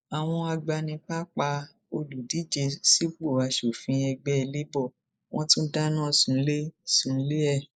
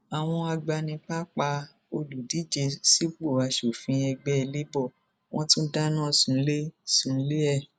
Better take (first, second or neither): second